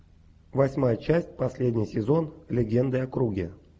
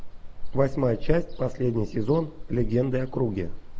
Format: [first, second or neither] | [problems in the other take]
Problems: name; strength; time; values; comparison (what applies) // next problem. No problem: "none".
first | background sound (Ocean); 4 dB below the speech